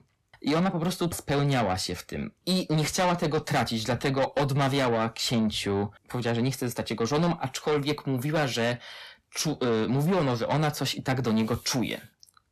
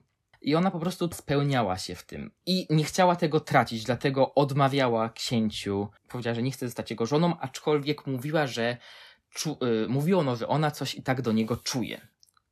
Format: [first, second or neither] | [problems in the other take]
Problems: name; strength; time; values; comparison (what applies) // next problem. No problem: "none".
second | distortion; heavy; 8 dB below the speech